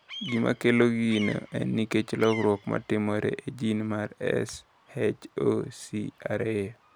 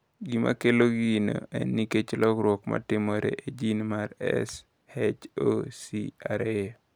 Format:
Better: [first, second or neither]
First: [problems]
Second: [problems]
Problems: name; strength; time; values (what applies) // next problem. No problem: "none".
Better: second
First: background sound (Bird vocalization, bird call, bird song); 18 dB below the speech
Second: none